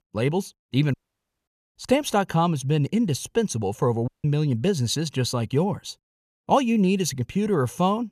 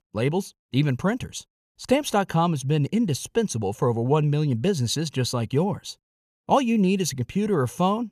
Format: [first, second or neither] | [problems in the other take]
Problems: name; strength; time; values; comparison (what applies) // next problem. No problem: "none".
second | audio cutting out; at 1 s for 0.5 s and at 4 s